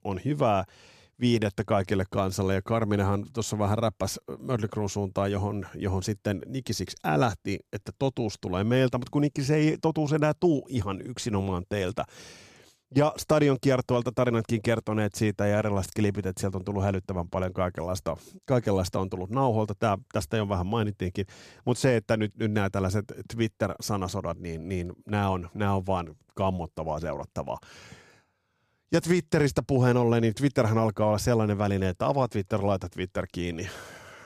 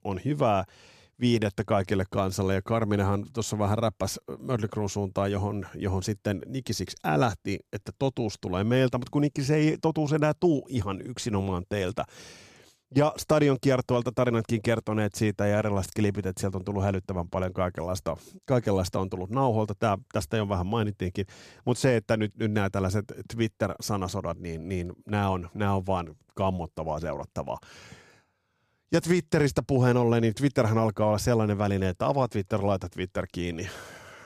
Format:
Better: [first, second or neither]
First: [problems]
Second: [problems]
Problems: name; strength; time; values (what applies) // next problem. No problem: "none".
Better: neither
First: none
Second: none